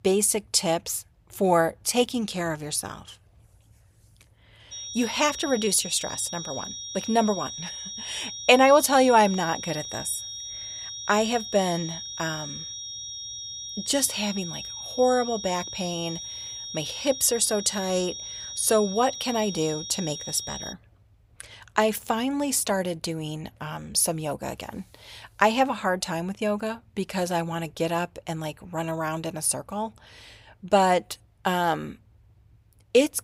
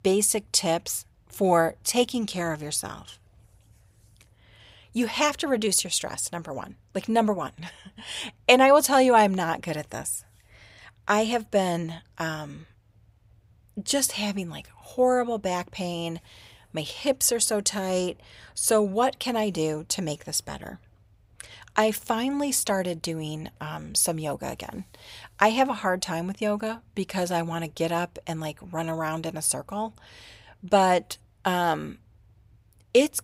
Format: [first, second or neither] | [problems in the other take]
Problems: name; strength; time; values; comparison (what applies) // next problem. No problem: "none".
second | high-pitched whine; loud; from 4.5 to 21 s; 5.5 kHz, 9 dB below the speech